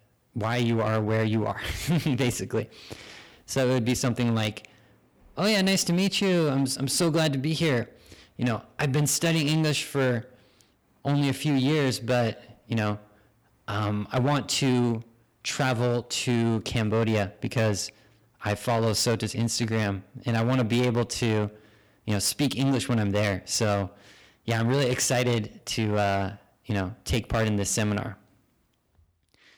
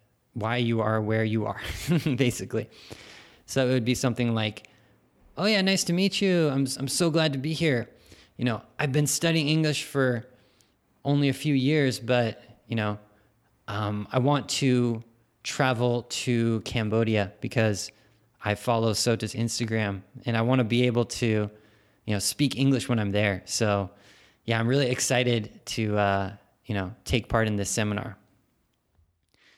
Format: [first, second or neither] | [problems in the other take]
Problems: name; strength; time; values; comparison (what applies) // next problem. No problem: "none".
second | distortion; slight; 9% of the sound clipped